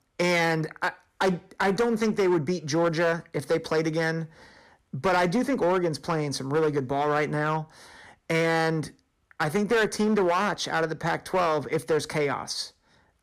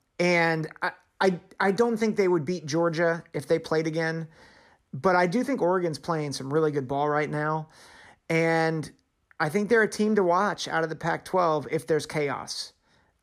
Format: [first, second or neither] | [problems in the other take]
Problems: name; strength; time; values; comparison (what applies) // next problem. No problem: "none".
second | distortion; slight; 8% of the sound clipped